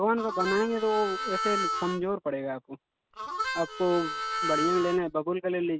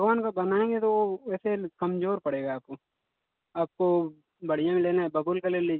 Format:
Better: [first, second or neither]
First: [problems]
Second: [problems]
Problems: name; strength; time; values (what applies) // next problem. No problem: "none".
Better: second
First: background sound (Harmonica); 3 dB below the speech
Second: none